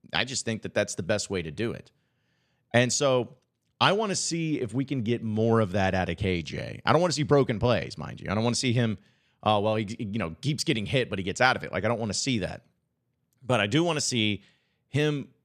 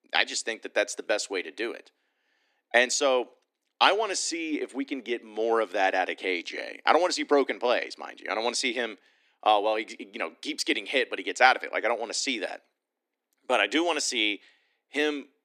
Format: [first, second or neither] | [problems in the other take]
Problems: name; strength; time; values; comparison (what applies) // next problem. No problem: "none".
first | thin; somewhat; fading below 300 Hz